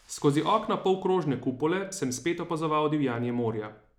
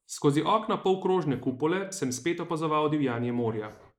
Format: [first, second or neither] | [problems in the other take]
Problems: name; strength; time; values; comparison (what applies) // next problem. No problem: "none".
first | noise reduction (neural mask model Resemble Enhance denoiser)